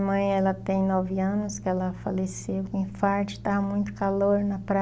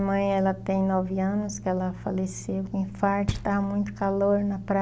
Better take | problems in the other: first | background sound (Knock); 16 dB below the speech

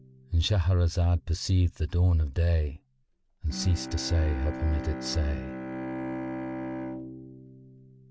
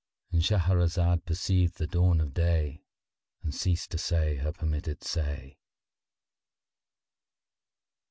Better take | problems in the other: second | background sound (Bowed string instrument); 11 dB below the speech

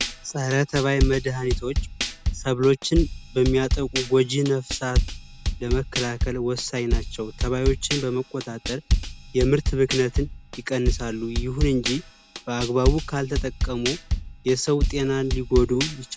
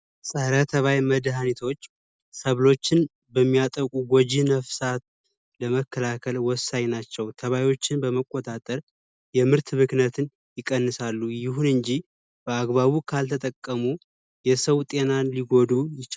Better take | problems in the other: second | background sound (Drum / Drum kit); 2 dB below the speech

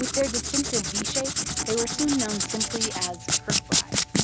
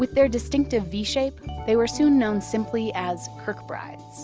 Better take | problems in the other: second | background sound (Writing); 3 dB above the speech

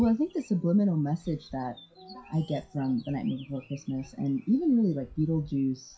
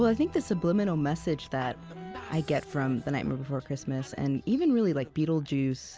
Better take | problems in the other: second | noise reduction (classical method WPE with log-MMSE)

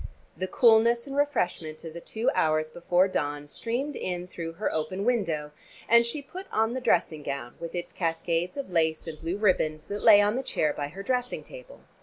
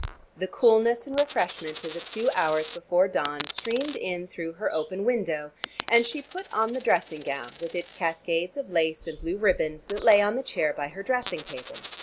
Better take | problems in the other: first | background sound (Coin (dropping)); 17 dB below the speech

